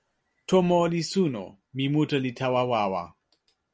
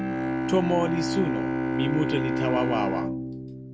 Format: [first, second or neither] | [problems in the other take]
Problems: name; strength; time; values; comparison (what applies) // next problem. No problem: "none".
first | background sound (Bowed string instrument); 1 dB above the speech